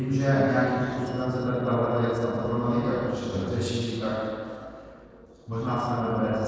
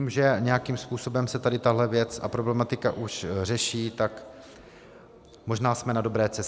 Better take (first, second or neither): second